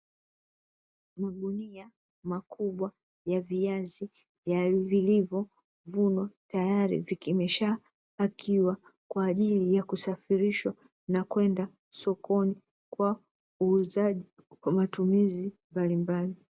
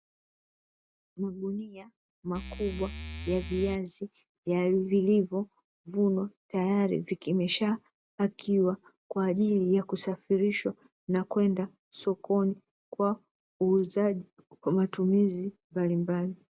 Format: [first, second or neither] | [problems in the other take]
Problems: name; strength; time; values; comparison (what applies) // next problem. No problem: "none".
first | background sound (Musical instrument); 10 dB below the speech